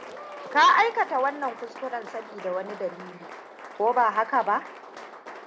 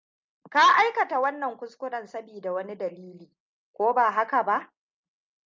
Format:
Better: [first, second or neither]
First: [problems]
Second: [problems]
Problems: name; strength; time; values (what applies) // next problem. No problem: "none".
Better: second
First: background sound (Applause); 15 dB below the speech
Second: none